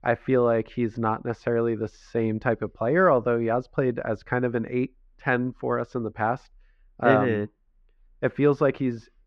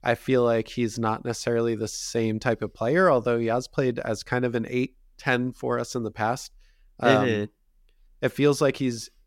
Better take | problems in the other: second | muffled; very; fading above 1.5 kHz

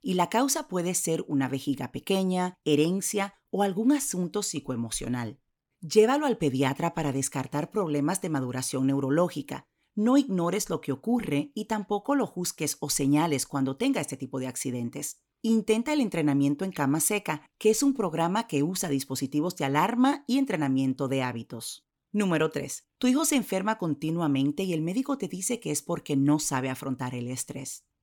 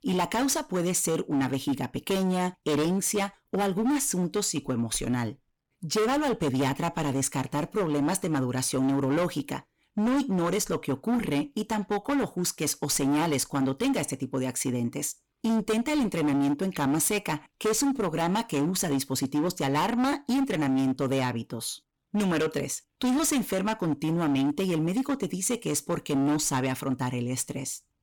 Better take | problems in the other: first | distortion; heavy; 17% of the sound clipped

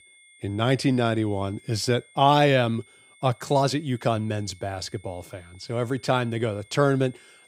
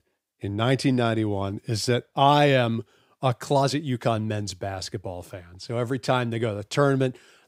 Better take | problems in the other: second | high-pitched whine; faint; throughout; 2 kHz, 30 dB below the speech

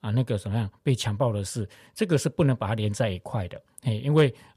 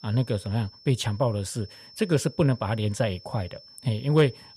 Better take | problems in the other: first | high-pitched whine; faint; throughout; 5.5 kHz, 20 dB below the speech

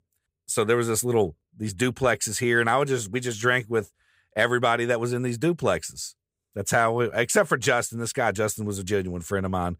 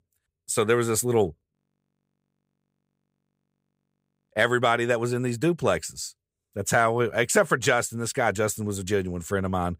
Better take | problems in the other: first | audio freezing; at 1.5 s for 3 s

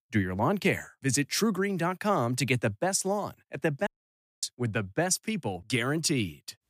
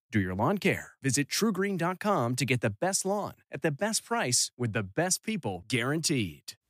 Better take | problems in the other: second | audio cutting out; at 4 s for 0.5 s

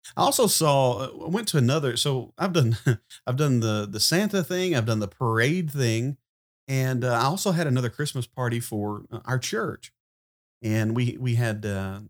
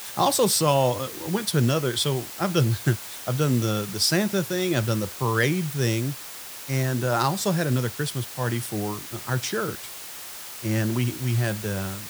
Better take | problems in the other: first | hiss; noticeable; throughout; 10 dB below the speech

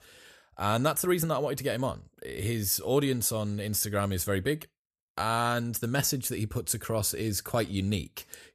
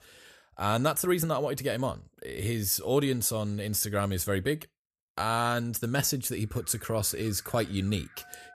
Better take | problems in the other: first | alarms or sirens; faint; from 6.5 s on; 25 dB below the speech

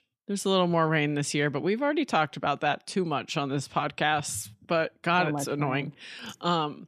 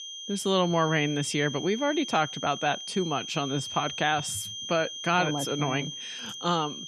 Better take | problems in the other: first | high-pitched whine; loud; throughout; 3 kHz, 8 dB below the speech

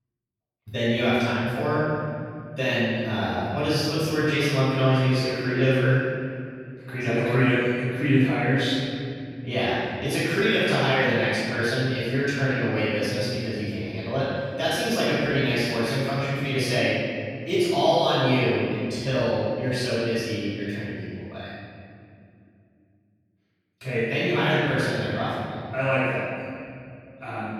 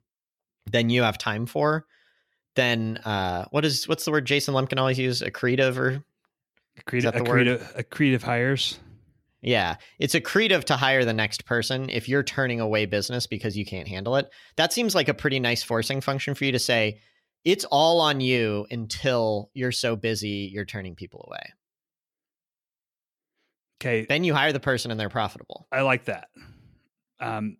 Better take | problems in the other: second | off-mic speech; far // room echo; strong; dies away in 2.6 s

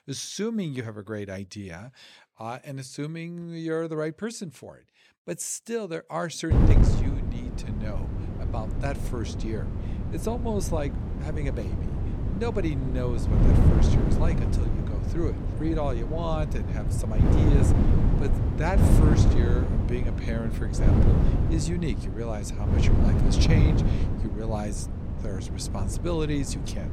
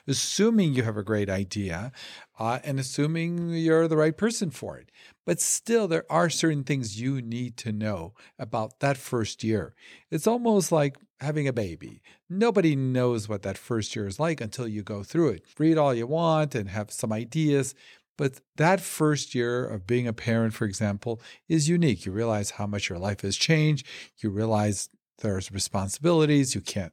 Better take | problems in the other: second | wind noise on the microphone; heavy; from 6.5 s on; 1 dB below the speech

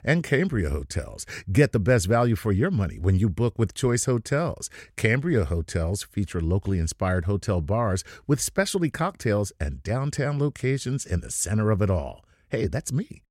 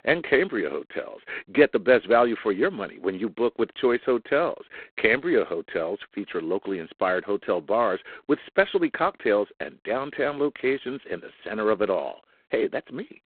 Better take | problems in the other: first | phone-call audio; poor line; nothing above 4 kHz

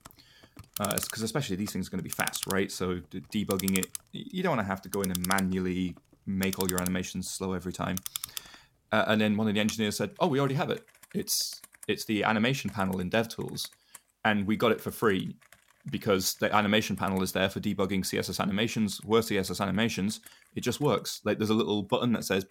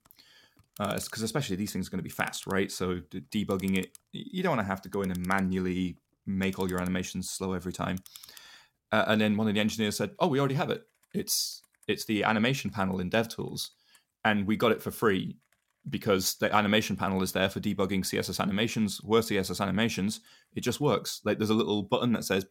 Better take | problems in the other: second | household noises; loud; throughout; 8 dB below the speech; faint in the second

